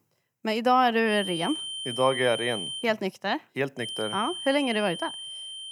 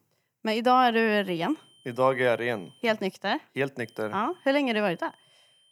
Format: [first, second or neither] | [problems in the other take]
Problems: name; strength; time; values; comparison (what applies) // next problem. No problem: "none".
second | high-pitched whine; loud; from 1 to 3 s and from 4 s on; 3 kHz, 6 dB below the speech; faint in the second